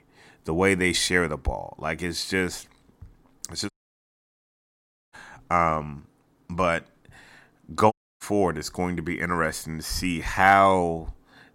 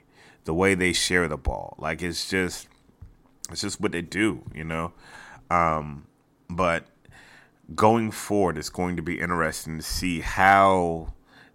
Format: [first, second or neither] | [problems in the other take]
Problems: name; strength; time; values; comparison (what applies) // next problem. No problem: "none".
second | audio cutting out; at 3.5 s for 1.5 s and at 8 s